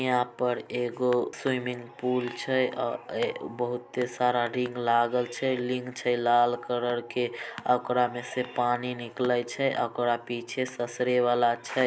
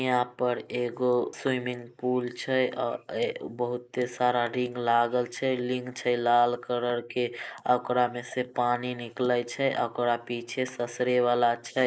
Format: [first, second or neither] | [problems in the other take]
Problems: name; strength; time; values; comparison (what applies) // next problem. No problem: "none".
first | noise reduction (neural mask model Resemble Enhance denoiser)